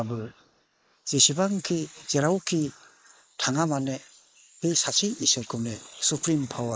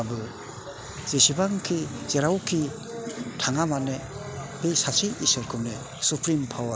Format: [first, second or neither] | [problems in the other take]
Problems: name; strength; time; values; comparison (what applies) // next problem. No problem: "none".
second | noise reduction (neural mask model Resemble Enhance denoiser)